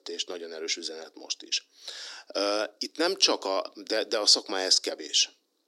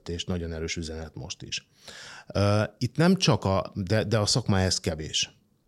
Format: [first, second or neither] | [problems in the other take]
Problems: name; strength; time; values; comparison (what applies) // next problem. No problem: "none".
second | thin; very; fading below 300 Hz